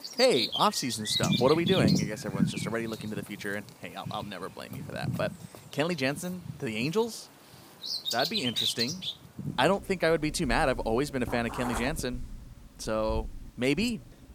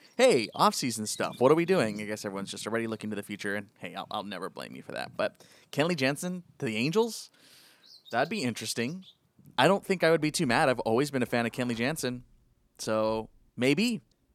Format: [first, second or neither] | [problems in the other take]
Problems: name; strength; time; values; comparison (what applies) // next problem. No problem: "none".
second | animal sounds; loud; throughout; 2 dB below the speech; faint in the second